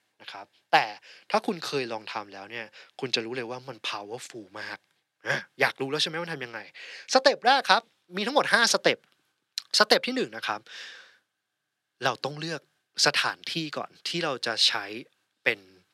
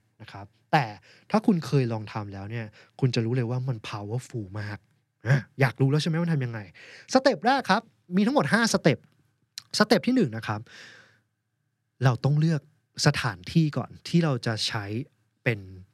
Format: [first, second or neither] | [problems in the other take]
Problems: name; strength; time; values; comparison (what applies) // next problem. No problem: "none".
second | thin; very; fading below 500 Hz